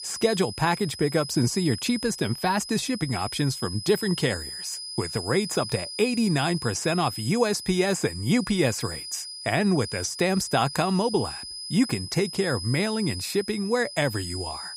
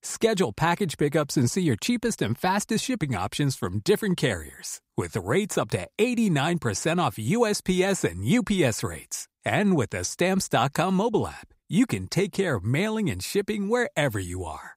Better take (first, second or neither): second